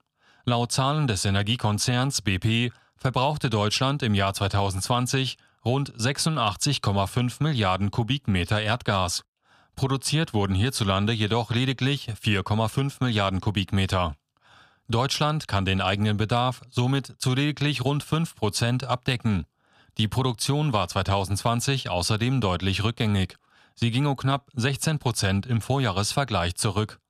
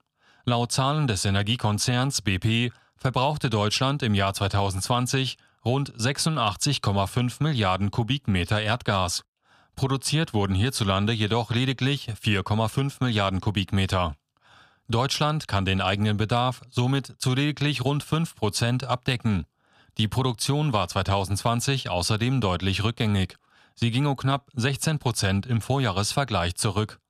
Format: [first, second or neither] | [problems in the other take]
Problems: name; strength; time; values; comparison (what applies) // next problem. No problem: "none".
neither | none